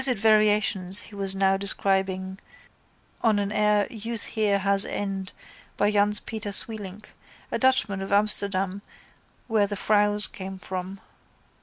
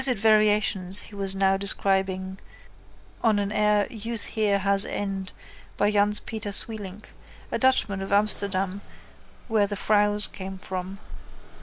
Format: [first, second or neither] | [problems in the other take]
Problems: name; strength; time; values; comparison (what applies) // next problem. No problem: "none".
first | background sound (Accelerating, revving, vroom); 13 dB below the speech